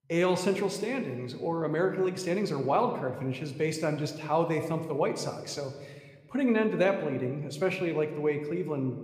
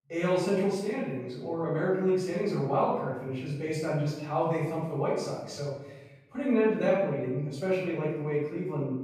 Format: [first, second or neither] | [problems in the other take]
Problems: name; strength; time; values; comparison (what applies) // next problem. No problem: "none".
first | room echo; strong; dies away in 1.1 s; slight in the first // off-mic speech; far